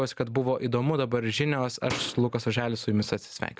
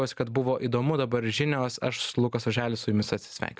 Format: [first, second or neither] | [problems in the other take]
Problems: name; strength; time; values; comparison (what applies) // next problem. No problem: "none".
second | background sound (Slam); 12 dB below the speech